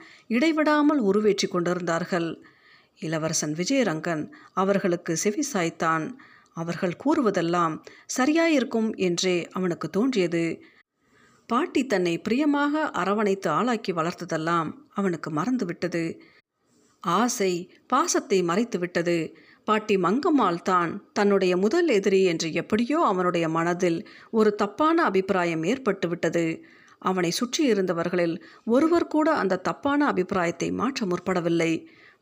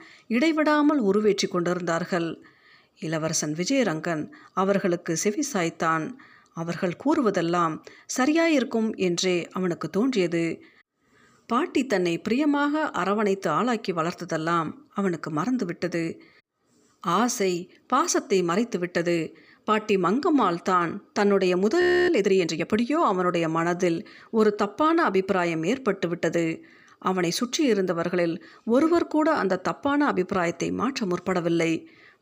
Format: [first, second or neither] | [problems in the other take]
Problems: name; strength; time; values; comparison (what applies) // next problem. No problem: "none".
first | audio freezing; at 22 s